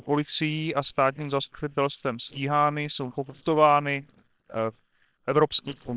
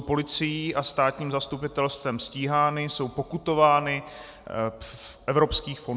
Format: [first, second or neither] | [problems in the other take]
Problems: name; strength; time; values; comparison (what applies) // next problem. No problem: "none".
second | noise reduction (neural separator model SepFormer WHAM!)